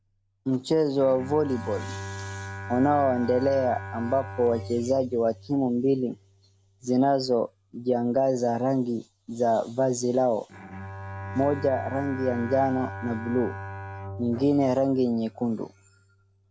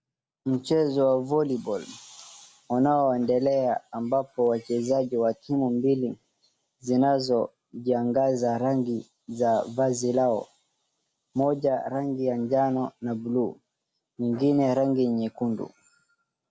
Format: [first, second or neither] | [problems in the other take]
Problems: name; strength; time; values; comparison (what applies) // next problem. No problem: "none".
second | background sound (Bowed string instrument); 13 dB below the speech